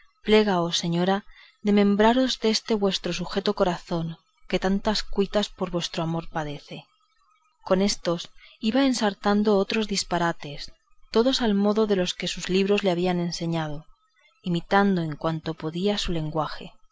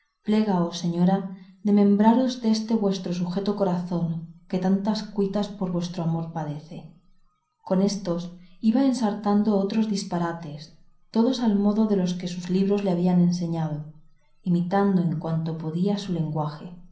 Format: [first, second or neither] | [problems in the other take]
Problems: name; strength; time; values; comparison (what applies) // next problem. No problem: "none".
first | room echo; dies away in 0.6 s